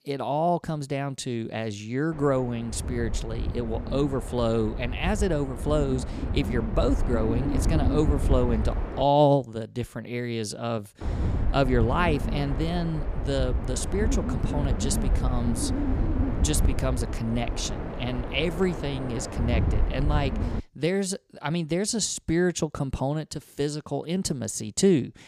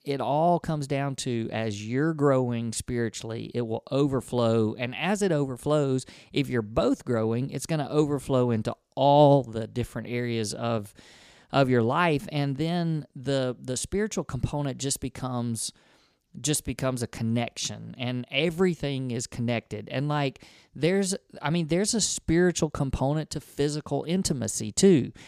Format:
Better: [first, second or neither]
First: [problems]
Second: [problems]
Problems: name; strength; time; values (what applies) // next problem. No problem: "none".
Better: second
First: wind noise on the microphone; heavy; from 2 to 9 s and from 11 to 21 s; 8 dB below the speech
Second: none